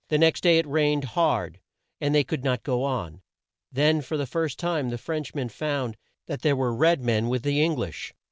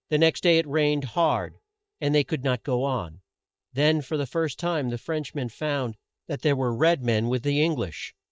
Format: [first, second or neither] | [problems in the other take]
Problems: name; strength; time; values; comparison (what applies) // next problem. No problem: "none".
first | noise reduction (neural mask model DeepFilterNet 3)